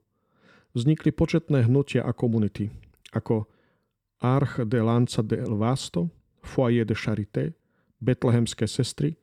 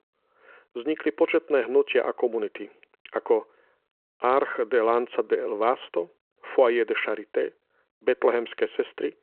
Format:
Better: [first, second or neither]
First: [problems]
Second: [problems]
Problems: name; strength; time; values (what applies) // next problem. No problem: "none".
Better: first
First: none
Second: phone-call audio